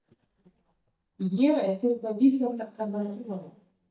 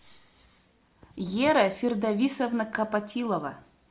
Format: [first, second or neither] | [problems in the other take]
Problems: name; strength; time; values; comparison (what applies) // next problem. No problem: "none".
second | noise reduction (neural mask model DeepFilterNet 3)